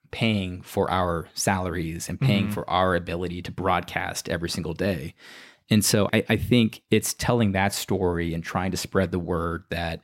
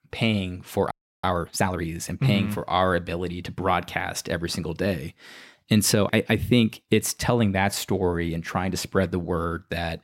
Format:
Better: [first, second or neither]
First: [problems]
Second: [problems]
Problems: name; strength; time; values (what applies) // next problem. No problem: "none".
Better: first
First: none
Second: audio freezing; at 1 s